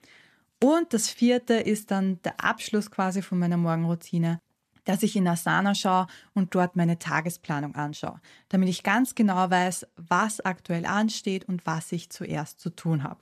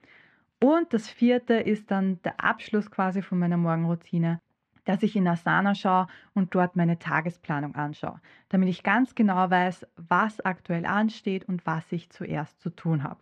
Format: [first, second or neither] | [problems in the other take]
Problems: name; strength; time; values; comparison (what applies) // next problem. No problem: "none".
first | muffled; very; fading above 2 kHz